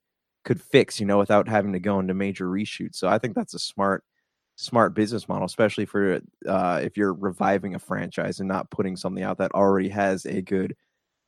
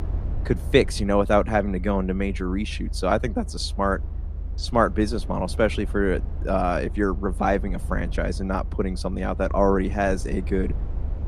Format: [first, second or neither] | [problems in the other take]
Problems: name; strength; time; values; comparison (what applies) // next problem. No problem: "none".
first | low rumble; faint; throughout; 20 dB below the speech